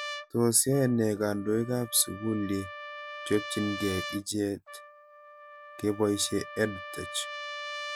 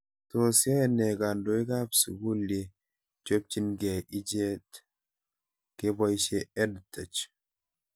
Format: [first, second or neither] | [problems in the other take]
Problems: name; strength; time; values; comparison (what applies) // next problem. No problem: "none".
second | background sound (Trumpet); 11 dB below the speech